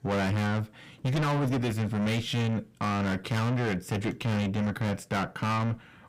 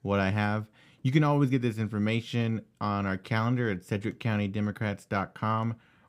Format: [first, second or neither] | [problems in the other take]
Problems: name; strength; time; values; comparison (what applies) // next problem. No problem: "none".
second | distortion; heavy; 5 dB below the speech